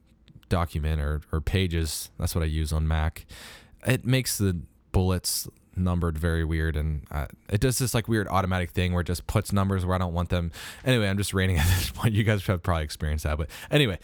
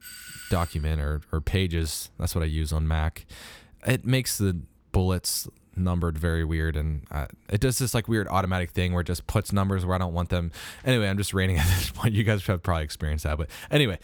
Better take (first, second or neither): first